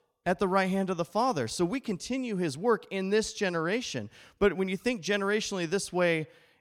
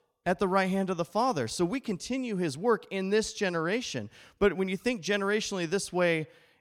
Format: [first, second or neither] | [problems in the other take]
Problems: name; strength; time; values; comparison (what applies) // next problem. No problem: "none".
neither | none